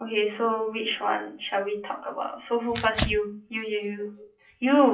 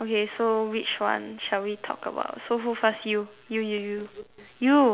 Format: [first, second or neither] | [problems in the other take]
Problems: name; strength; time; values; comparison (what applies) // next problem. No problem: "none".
second | noise reduction (classical method WPE with log-MMSE)